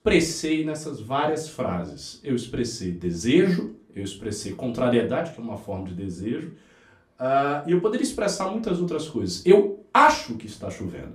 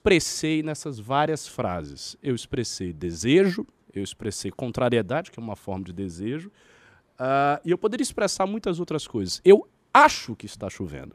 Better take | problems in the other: second | off-mic speech; far // room echo; very slight; dies away in 0.3 s

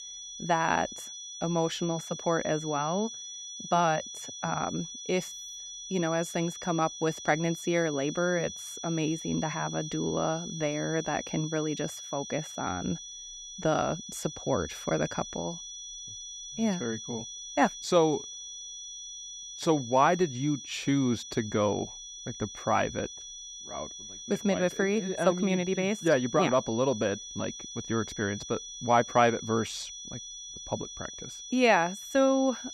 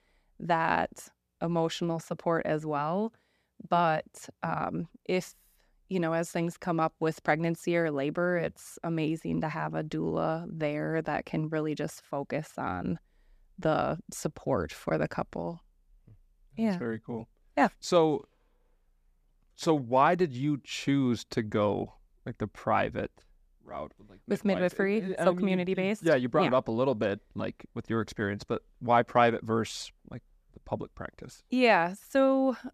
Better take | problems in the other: second | high-pitched whine; loud; throughout; 6 kHz, 10 dB below the speech

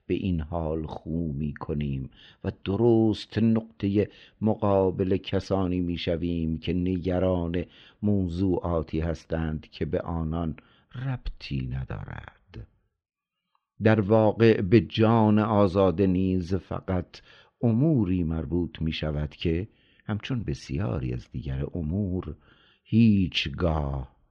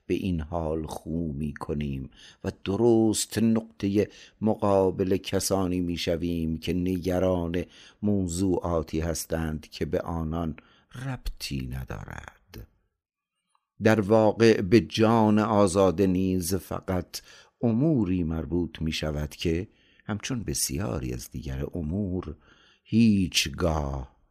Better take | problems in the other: second | muffled; slightly; fading above 3.5 kHz

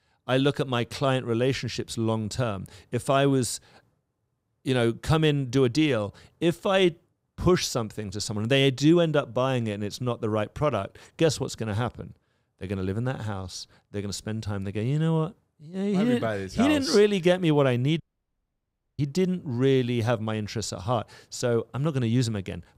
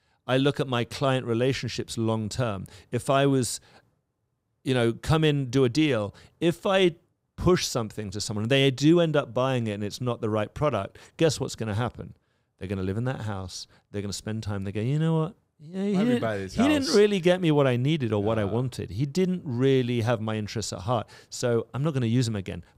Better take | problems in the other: second | audio cutting out; at 18 s for 1 s

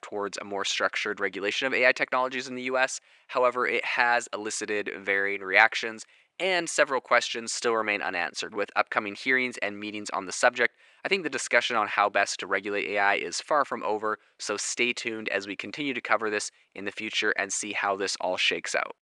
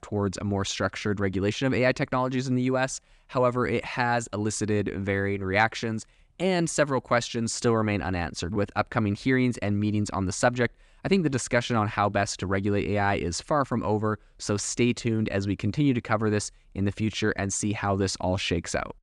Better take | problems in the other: second | thin; very; fading below 500 Hz

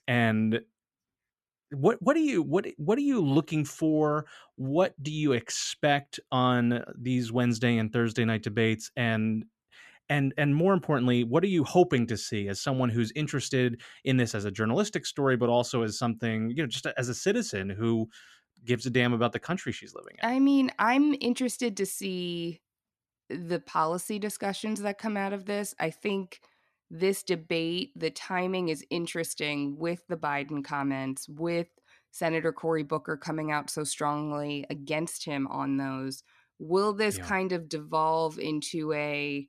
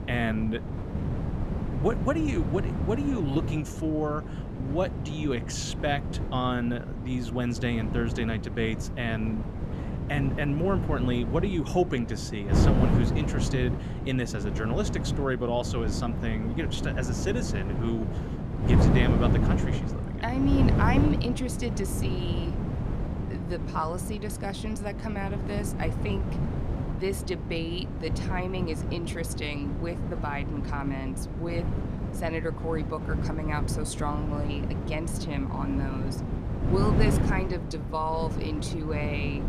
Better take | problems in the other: first | wind noise on the microphone; heavy; 5 dB below the speech

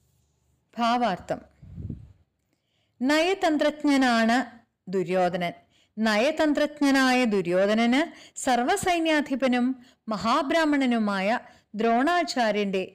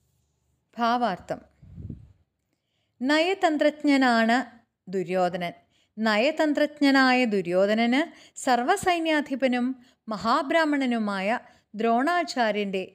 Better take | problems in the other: second | distortion; slight; 10 dB below the speech

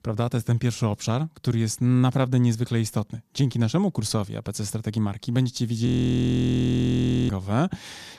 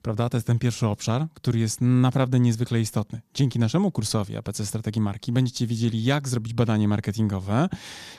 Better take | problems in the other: second | audio freezing; at 6 s for 1.5 s

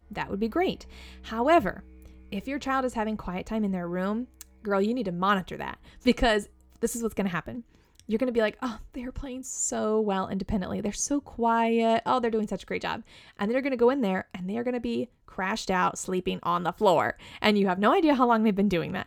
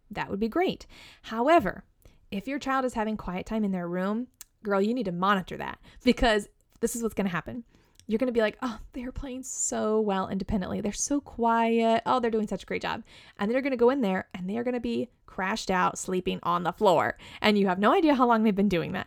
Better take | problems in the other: second | background music; faint; throughout; 30 dB below the speech

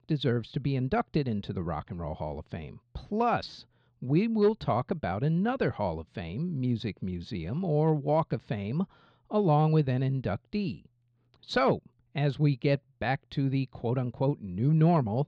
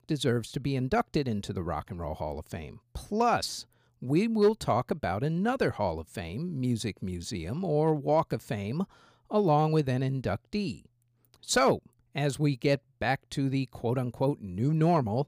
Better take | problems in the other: second | muffled; very slightly; fading above 4 kHz

